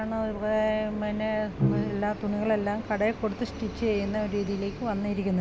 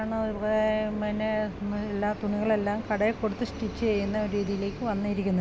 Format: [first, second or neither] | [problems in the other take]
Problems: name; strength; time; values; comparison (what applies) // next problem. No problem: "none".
second | background sound (Bowed string instrument); 7 dB below the speech